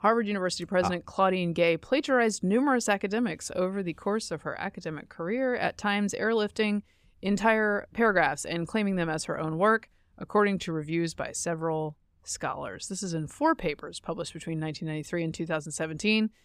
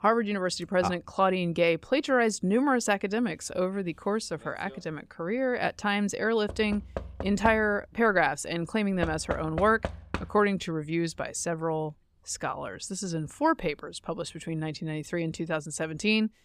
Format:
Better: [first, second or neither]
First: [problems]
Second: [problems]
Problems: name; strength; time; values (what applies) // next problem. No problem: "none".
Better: first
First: none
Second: door banging; noticeable; from 6.5 to 10 s; peak 7 dB below the speech